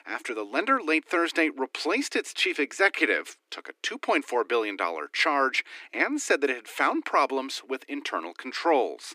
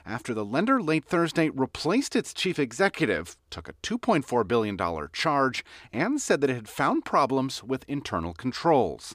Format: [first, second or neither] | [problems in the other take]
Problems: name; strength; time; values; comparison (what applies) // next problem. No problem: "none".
second | thin; somewhat; fading below 300 Hz